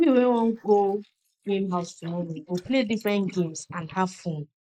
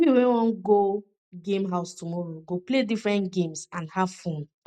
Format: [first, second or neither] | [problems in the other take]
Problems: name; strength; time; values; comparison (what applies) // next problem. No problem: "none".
second | noise reduction (neural mask model Resemble Enhance denoiser)